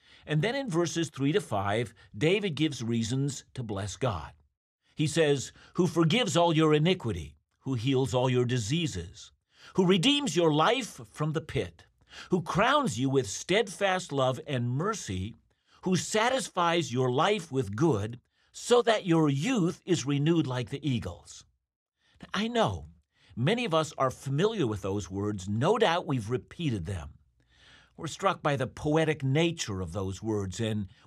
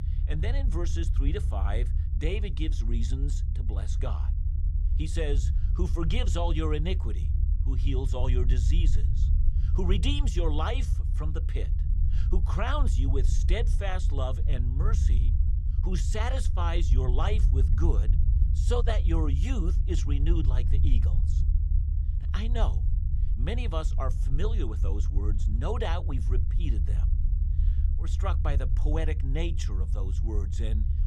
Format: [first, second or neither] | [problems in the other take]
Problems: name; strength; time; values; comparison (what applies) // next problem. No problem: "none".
first | low rumble; loud; throughout; 9 dB below the speech